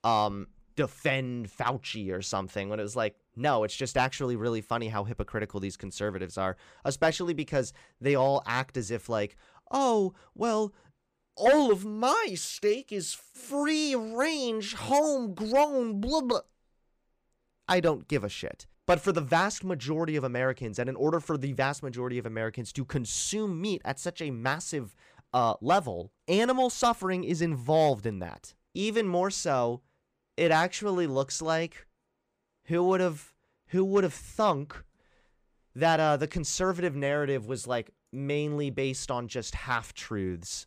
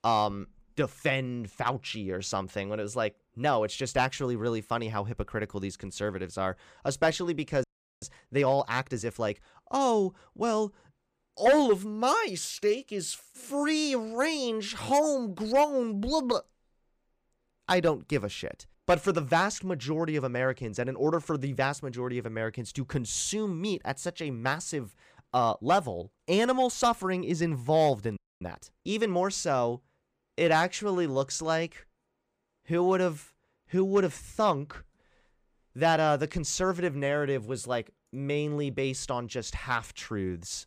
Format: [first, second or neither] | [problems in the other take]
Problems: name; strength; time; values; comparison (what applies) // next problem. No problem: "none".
first | audio freezing; at 7.5 s and at 28 s